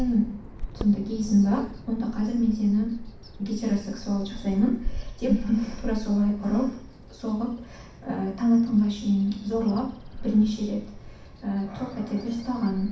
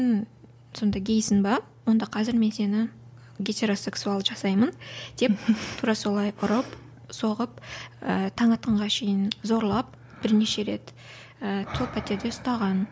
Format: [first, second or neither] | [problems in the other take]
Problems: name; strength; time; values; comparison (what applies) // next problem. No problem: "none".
second | background sound (Bird vocalization, bird call, bird song); 12 dB below the speech // room echo; dies away in 0.6 s